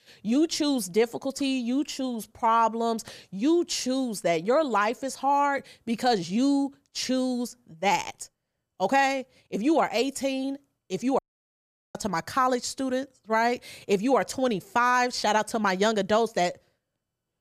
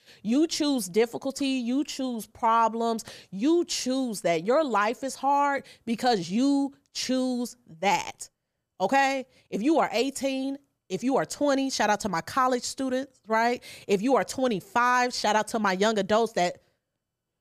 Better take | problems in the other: second | audio cutting out; at 11 s for 1 s

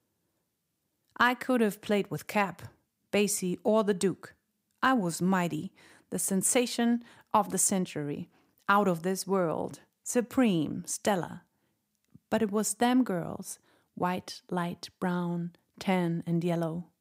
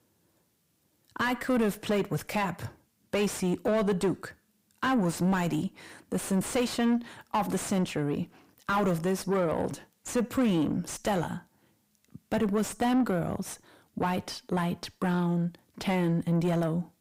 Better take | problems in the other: first | distortion; heavy; 6 dB below the speech

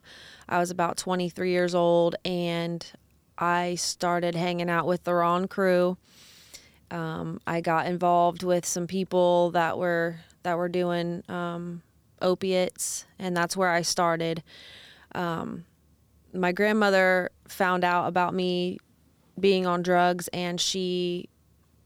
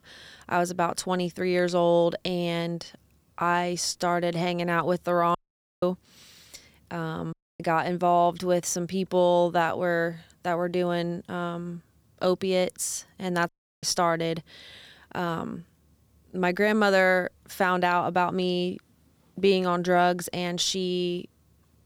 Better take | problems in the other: first | audio cutting out; at 5.5 s, at 7.5 s and at 13 s

